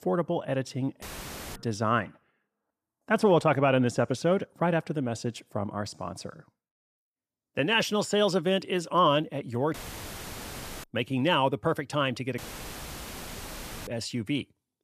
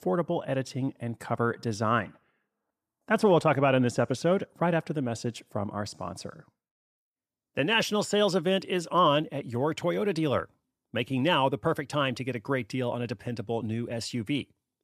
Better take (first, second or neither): second